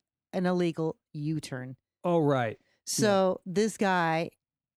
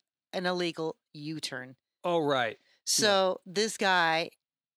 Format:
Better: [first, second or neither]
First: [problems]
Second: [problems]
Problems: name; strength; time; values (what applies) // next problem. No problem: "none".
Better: first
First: none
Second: thin; somewhat; fading below 1 kHz